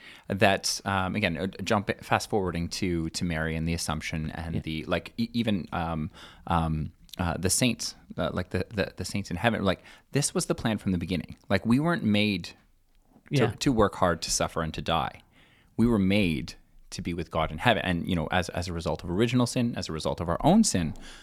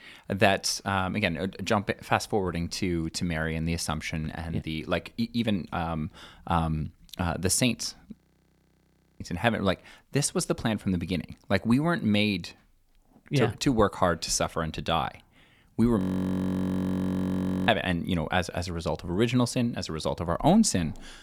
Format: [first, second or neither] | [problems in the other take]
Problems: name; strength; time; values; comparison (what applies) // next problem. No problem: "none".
first | audio freezing; at 8 s for 1 s and at 16 s for 1.5 s